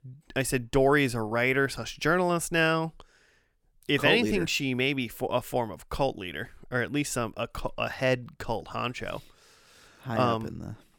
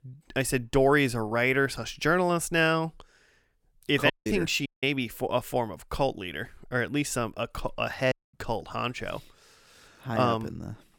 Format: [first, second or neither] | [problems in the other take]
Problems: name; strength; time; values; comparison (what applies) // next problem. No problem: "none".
first | audio cutting out; at 4 s, at 4.5 s and at 8 s